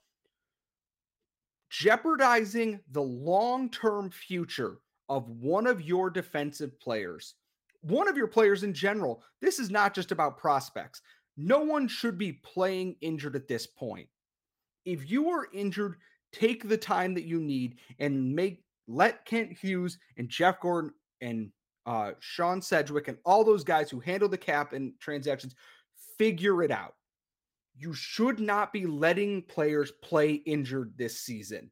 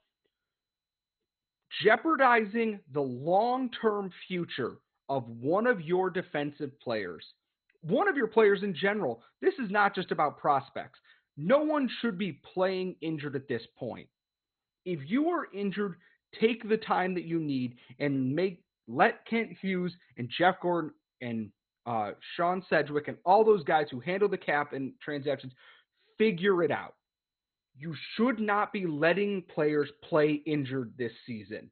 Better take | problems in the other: first | garbled, watery; badly; nothing above 4 kHz

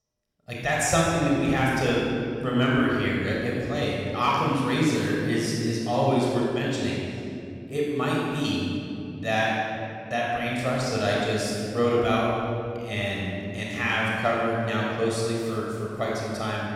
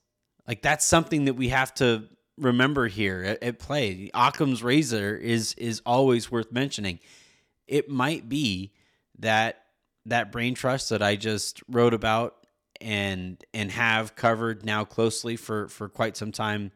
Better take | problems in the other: second | off-mic speech; far // room echo; strong; dies away in 2.6 s

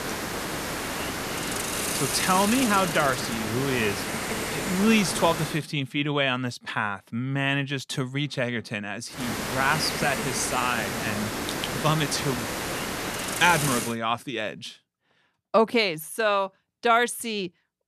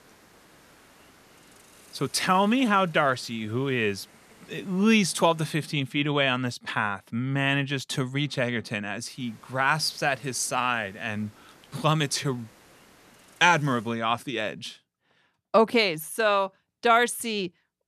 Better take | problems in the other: second | hiss; loud; until 5.5 s and from 9 to 14 s; 3 dB below the speech; faint in the second

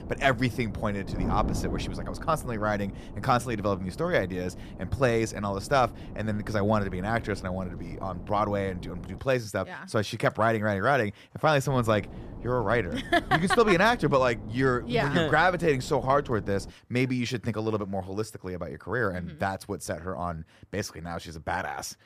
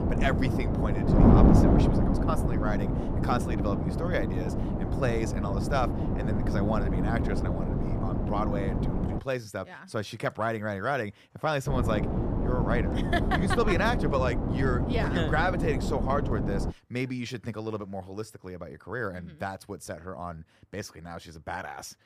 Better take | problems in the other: first | wind noise on the microphone; heavy; until 9 s and from 12 to 17 s; 2 dB below the speech; occasional gusts in the first

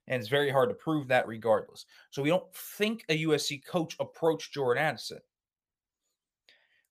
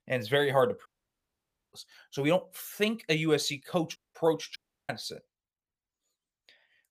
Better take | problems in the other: first | audio cutting out; at 1 s for 1 s, at 4 s and at 4.5 s

